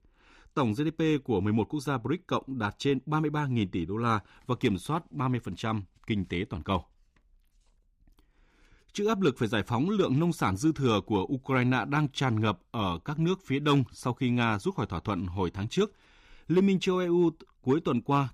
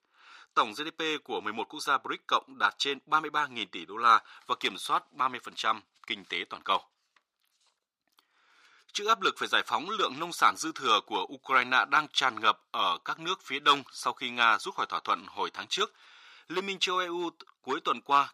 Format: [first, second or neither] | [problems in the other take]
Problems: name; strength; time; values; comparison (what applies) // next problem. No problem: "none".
first | thin; very; fading below 700 Hz